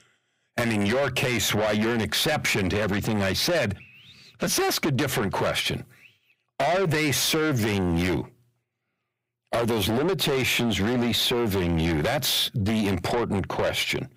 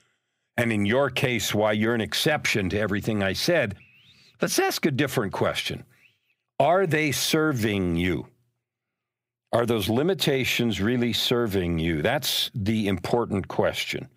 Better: second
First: distortion; heavy; 6 dB below the speech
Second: none

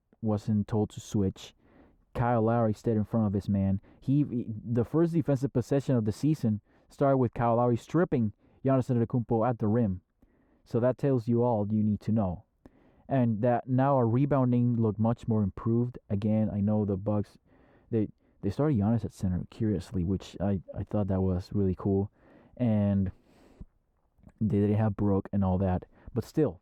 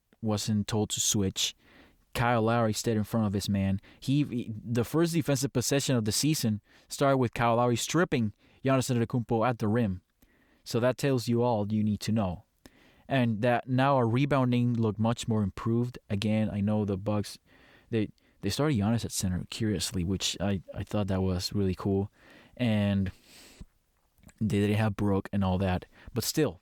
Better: second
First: muffled; very; fading above 2 kHz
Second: none

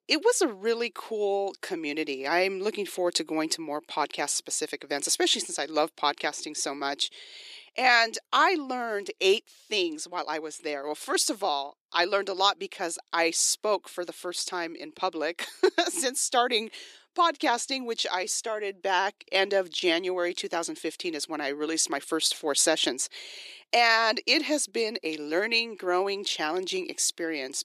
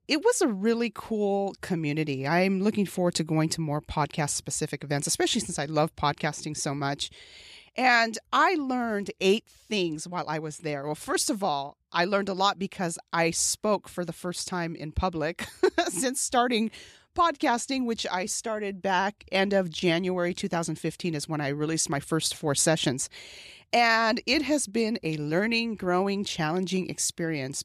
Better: second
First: thin; somewhat; fading below 350 Hz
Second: none

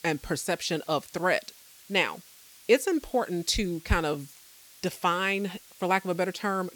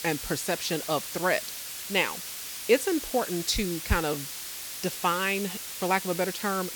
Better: first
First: hiss; faint; throughout; 20 dB below the speech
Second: hiss; loud; throughout; 6 dB below the speech

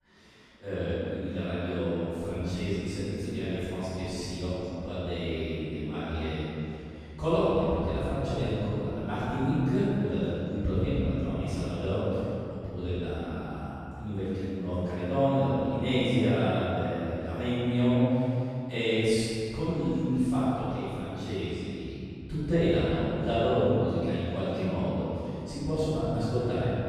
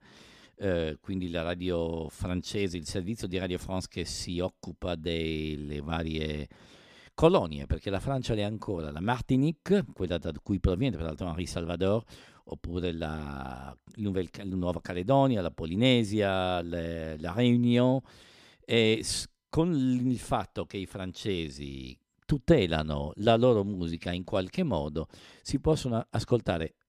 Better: second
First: room echo; strong; dies away in 2.7 s // off-mic speech; far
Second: none

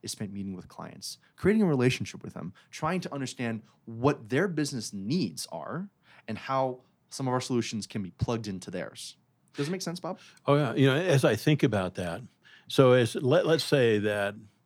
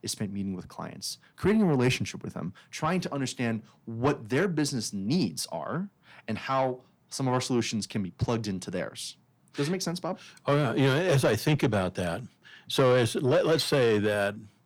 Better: first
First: none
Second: distortion; slight; 10 dB below the speech

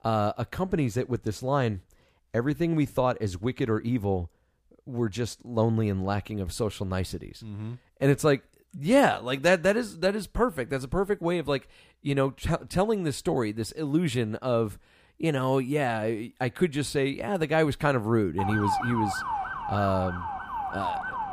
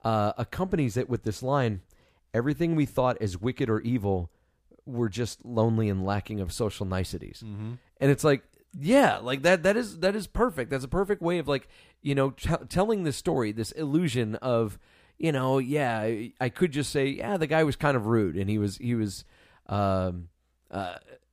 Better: second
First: siren; noticeable; from 18 s on; peak 1 dB below the speech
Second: none

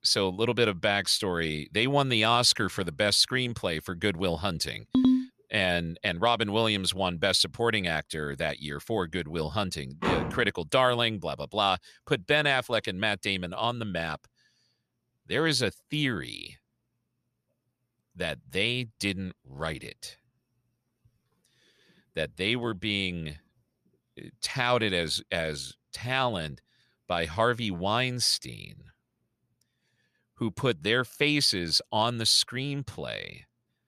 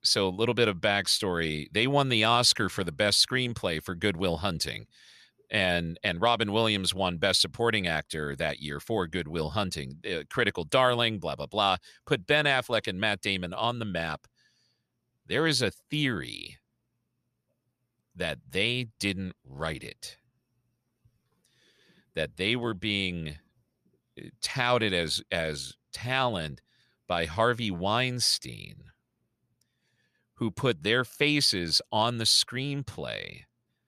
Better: second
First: phone ringing; loud; at 5 s; peak 4 dB above the speech // door banging; noticeable; at 10 s; peak 2 dB below the speech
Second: none

